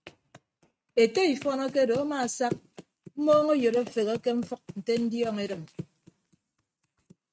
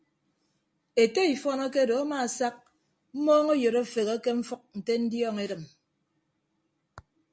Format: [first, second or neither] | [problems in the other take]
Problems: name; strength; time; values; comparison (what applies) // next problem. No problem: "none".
second | noise reduction (neural mask model RNNoise)